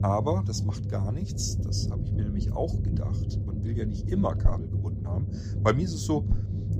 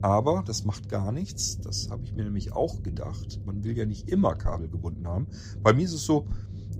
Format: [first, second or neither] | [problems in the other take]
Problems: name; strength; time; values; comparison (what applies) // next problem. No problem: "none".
second | low rumble; loud; throughout; 9 dB below the speech; faint in the second